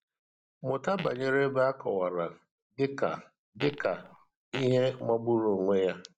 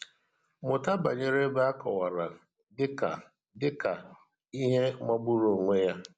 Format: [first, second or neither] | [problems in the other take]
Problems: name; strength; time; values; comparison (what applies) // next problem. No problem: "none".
second | noise reduction (neural mask model DeepFilterNet 3)